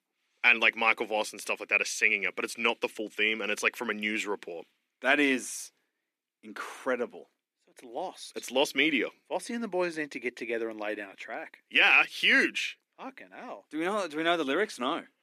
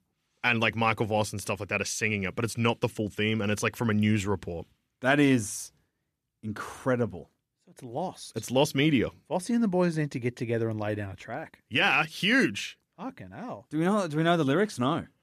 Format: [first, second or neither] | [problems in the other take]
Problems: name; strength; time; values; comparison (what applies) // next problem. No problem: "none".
second | thin; somewhat; fading below 300 Hz